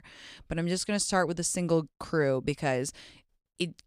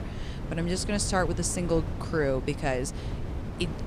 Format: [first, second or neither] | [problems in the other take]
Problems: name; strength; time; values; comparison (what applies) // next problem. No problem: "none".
first | wind noise on the microphone; occasional gusts; 10 dB below the speech